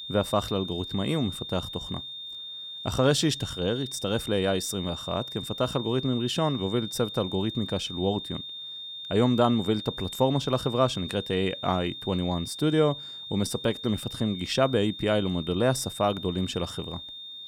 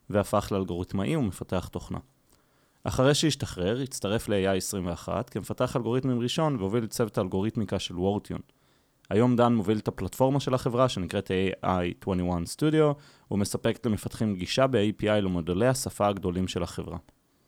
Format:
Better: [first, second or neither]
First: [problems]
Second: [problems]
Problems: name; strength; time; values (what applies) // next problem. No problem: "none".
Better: second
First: high-pitched whine; loud; throughout; 3.5 kHz, 9 dB below the speech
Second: none